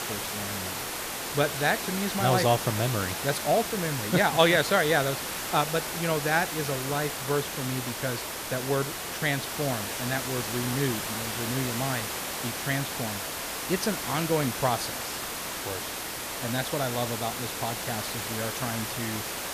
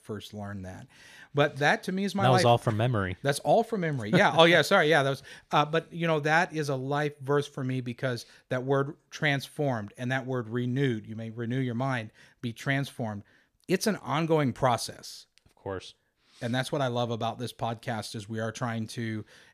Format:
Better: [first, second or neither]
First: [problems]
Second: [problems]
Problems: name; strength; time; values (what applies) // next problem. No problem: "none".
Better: second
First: hiss; loud; throughout; 3 dB below the speech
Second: none